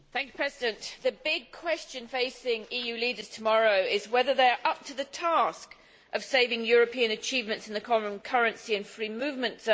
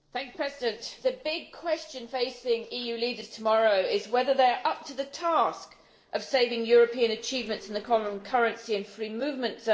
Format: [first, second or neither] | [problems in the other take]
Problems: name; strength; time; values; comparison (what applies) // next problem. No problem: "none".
first | noise reduction (neural separator model SepFormer DNS4)